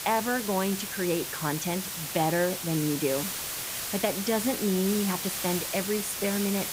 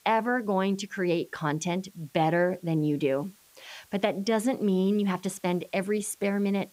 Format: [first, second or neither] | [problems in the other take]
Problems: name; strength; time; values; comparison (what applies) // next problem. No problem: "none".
second | hiss; loud; throughout; 3 dB below the speech; faint in the second